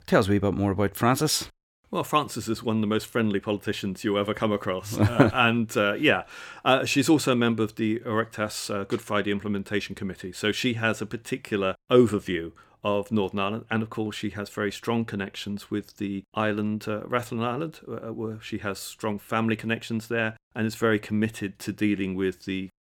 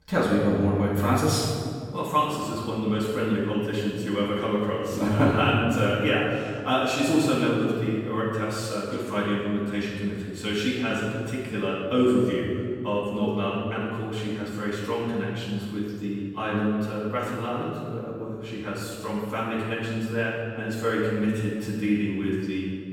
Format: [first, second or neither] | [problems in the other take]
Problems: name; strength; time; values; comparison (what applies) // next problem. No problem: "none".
first | off-mic speech; far // room echo; strong; dies away in 2 s